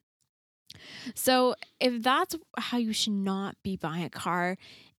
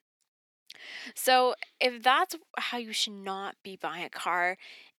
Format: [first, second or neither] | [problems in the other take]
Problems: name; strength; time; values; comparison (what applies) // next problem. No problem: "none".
first | thin; somewhat; fading below 450 Hz